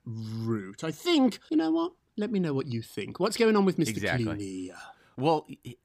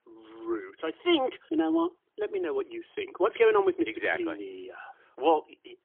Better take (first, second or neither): first